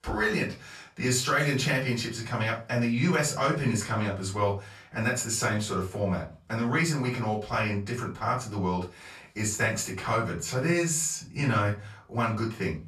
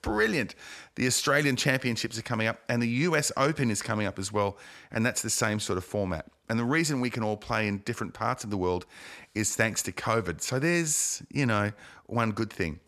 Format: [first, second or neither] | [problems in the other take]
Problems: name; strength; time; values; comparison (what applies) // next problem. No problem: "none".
second | off-mic speech; far // room echo; slight; dies away in 0.3 s